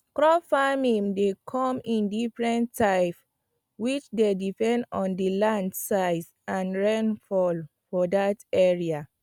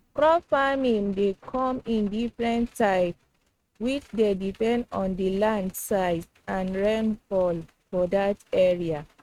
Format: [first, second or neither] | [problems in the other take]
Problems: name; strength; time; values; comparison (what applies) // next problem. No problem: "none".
first | noise reduction (neural mask model RNNoise)